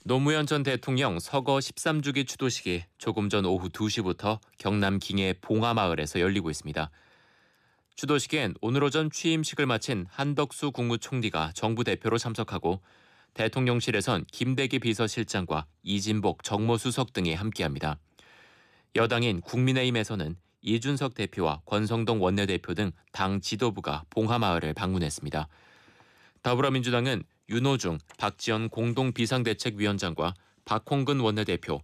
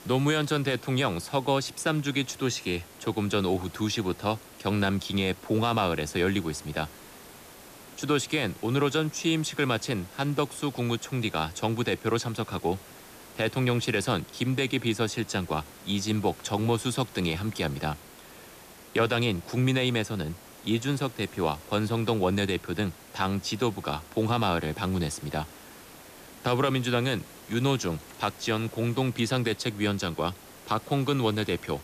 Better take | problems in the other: first | hiss; noticeable; throughout; 20 dB below the speech

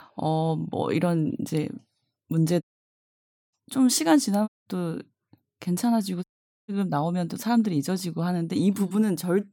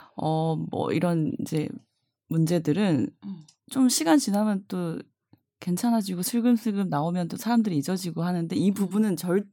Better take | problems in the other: second | audio cutting out; at 2.5 s for 1 s, at 4.5 s and at 6 s

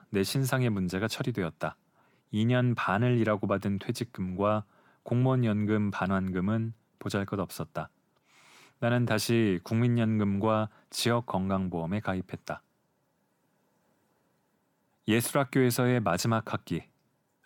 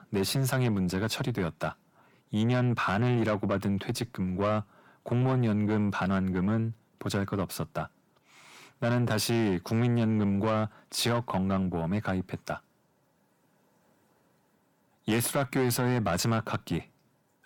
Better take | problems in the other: first | distortion; slight; 10 dB below the speech

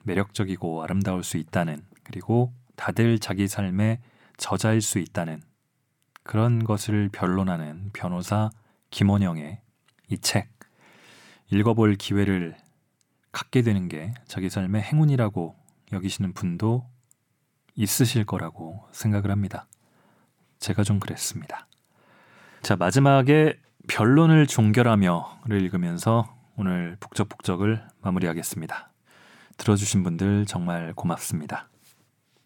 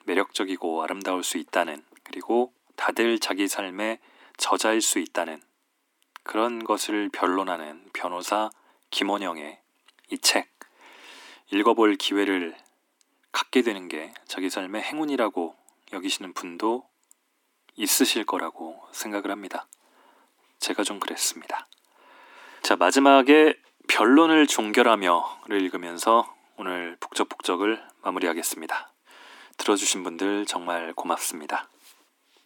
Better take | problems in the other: first | thin; somewhat; fading below 250 Hz

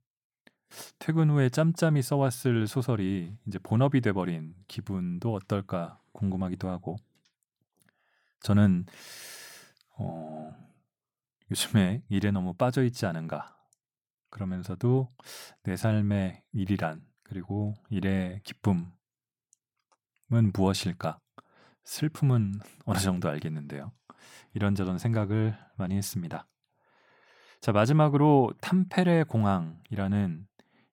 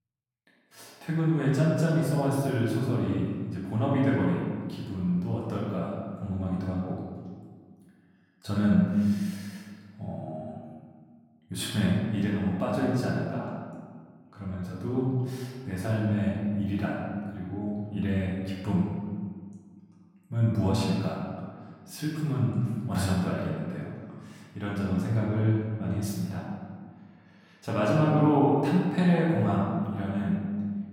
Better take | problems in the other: first | room echo; noticeable; dies away in 1.6 s // off-mic speech; far

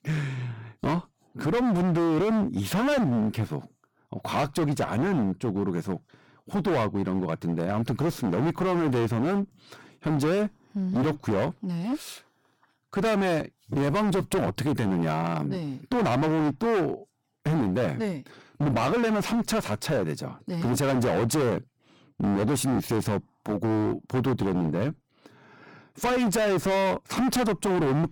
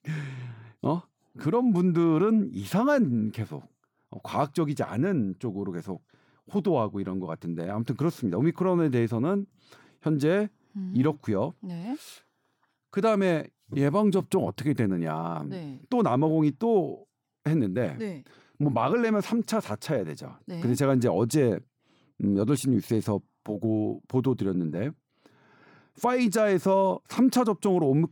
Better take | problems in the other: second | distortion; heavy; 26% of the sound clipped

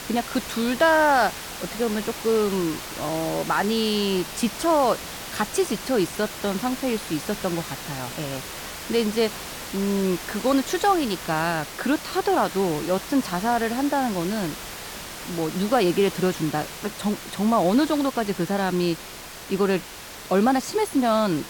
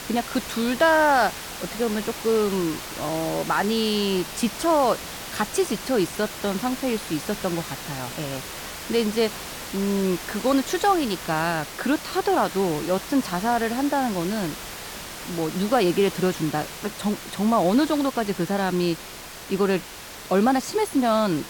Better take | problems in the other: neither | hiss; noticeable; throughout; 10 dB below the speech; the same in both

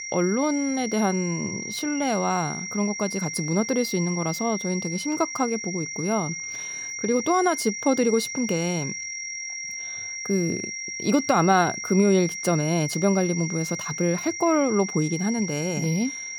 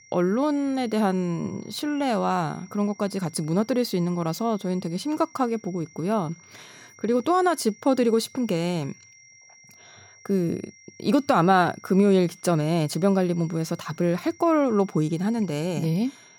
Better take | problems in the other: second | high-pitched whine; loud; throughout; 2 kHz, 6 dB below the speech; faint in the second

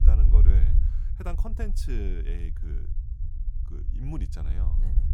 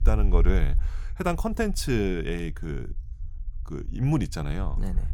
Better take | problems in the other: second | low rumble; loud; throughout; 4 dB below the speech; faint in the second

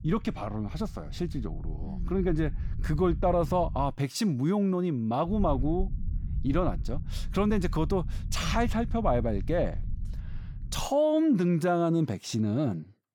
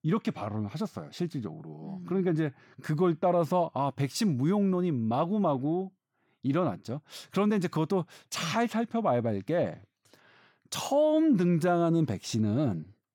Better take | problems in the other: second | low rumble; faint; until 4 s and from 5.5 to 11 s; 20 dB below the speech

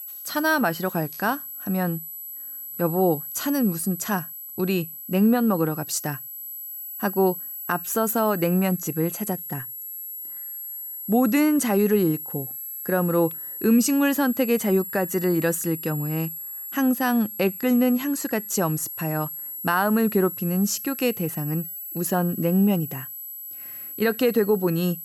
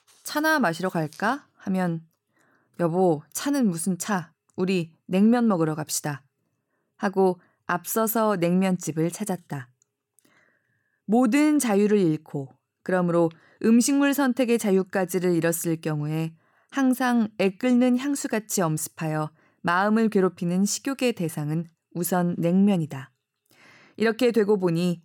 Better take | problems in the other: second | high-pitched whine; loud; throughout; 11.5 kHz, 9 dB below the speech

